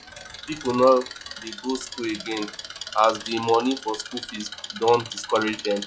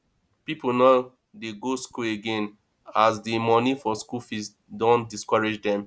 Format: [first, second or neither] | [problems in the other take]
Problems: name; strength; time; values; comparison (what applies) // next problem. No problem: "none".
second | noise reduction (classical method log-MMSE)